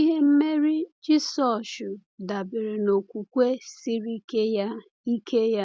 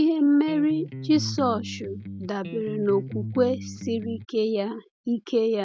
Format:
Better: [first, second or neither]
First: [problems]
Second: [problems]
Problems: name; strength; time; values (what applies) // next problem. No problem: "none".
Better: first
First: none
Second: background sound (Electric guitar); 10 dB below the speech